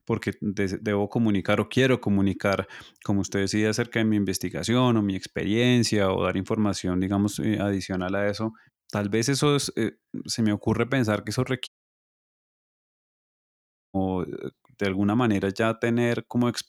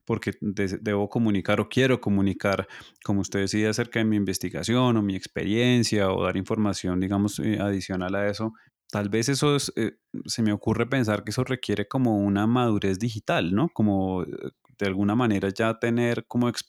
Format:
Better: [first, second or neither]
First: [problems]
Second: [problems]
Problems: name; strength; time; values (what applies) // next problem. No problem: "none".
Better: second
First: audio cutting out; at 12 s for 2.5 s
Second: none